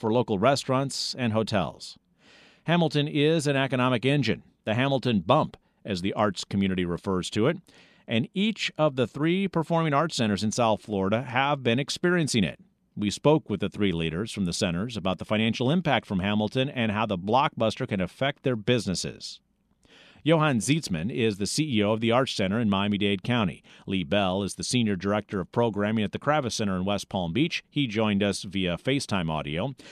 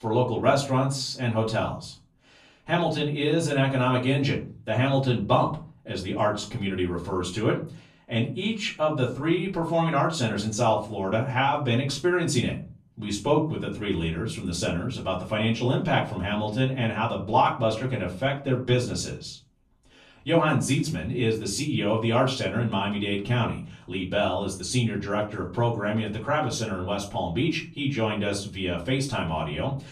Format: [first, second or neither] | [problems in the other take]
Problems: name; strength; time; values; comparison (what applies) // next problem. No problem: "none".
first | room echo; slight; dies away in 0.3 s // off-mic speech; far